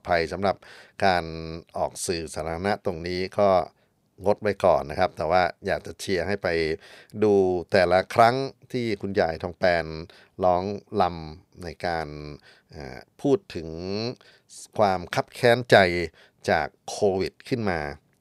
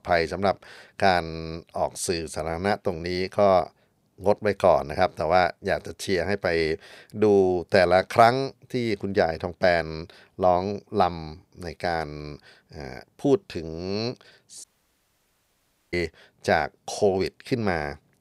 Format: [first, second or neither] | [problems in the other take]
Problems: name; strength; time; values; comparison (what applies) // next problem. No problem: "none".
first | audio cutting out; at 15 s for 1.5 s